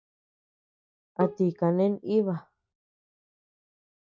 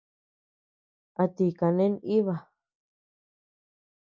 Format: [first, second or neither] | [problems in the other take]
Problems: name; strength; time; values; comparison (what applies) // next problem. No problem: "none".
second | noise reduction (neural mask model RNNoise)